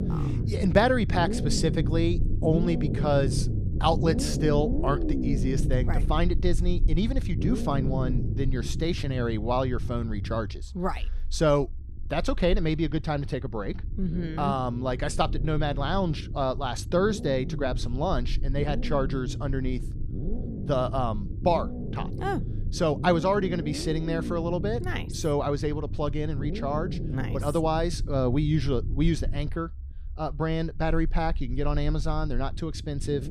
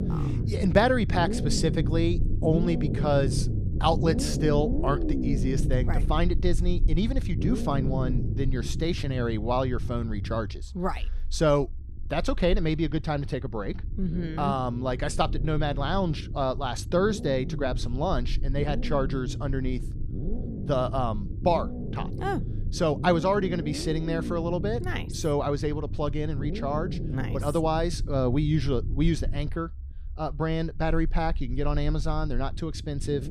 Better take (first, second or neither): neither